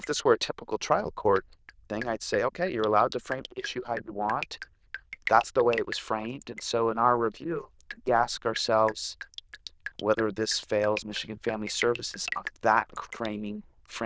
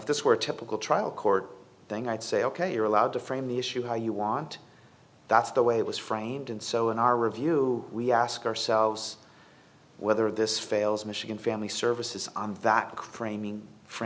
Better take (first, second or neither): second